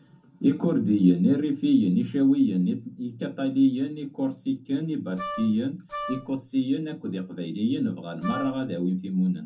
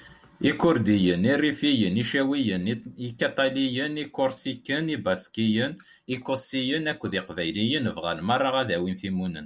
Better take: second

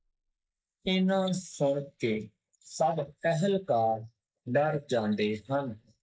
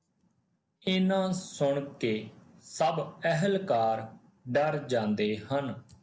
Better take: second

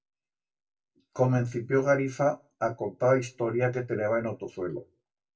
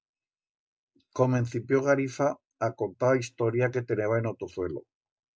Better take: second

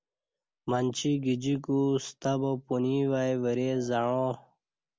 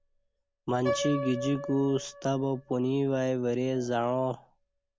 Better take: first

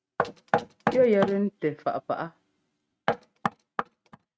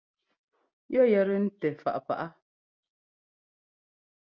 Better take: second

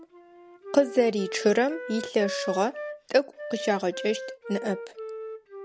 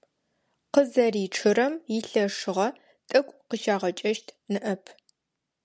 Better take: second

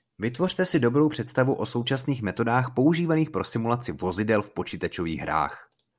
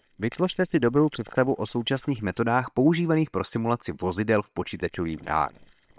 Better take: first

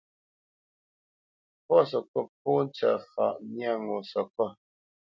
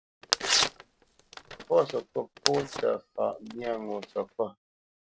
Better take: first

